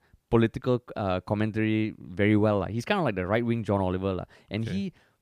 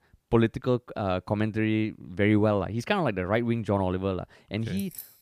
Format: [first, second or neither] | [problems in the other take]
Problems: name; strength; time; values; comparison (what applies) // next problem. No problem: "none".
first | jangling keys; faint; at 5 s; peak 15 dB below the speech